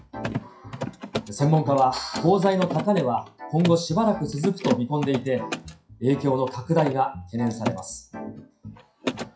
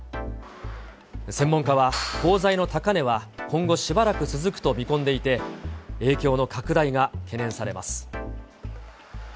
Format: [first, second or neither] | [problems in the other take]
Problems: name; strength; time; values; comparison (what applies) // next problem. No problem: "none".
second | noise reduction (classical method WPE with log-MMSE)